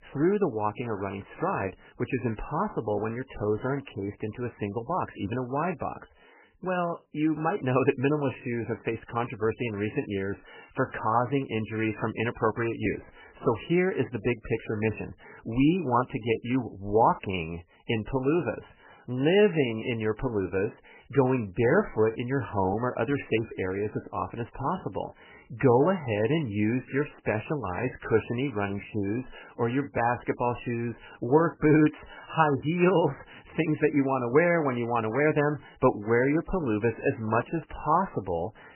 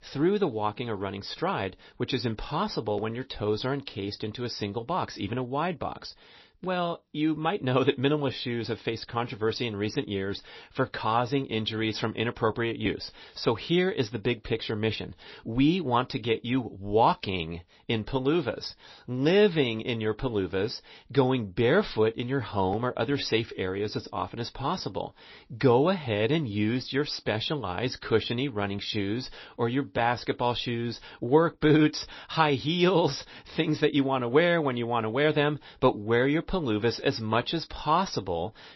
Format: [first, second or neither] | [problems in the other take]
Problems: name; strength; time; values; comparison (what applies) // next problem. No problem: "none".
second | garbled, watery; badly; nothing above 3 kHz; slightly in the second